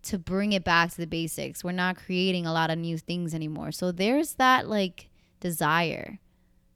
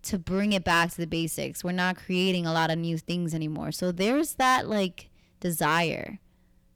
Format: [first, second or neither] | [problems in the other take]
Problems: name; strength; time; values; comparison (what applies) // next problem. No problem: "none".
first | distortion; slight; 5% of the sound clipped